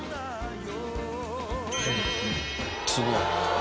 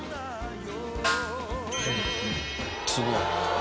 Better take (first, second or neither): first